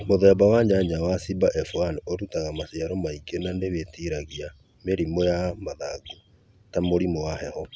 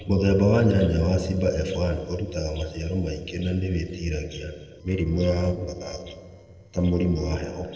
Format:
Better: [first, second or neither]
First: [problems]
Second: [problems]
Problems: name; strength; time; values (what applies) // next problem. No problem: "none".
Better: first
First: none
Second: noise reduction (neural separator model SepFormer DNS4)